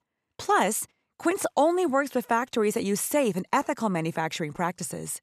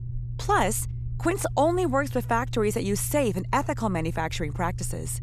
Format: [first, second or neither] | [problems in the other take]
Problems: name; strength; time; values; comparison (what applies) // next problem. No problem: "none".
first | low rumble; faint; throughout; 20 dB below the speech